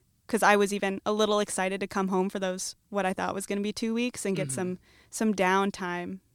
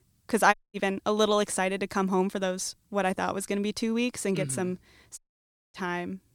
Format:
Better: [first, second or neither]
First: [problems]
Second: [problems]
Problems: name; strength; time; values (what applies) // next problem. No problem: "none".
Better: first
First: none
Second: audio cutting out; at 0.5 s and at 5 s for 0.5 s